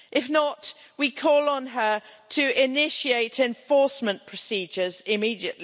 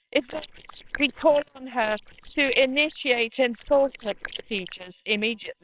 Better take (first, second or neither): first